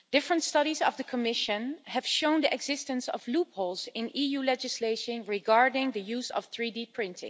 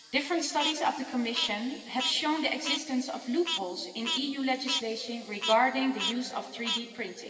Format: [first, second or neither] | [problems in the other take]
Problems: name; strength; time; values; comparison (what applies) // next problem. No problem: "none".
first | background sound (Frog); 7 dB below the speech // room echo; dies away in 2.5 s